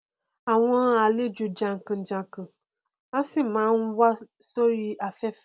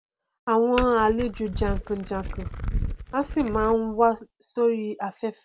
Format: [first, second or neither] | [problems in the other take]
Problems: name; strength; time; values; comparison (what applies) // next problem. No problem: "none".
first | background sound (Glass); 6 dB below the speech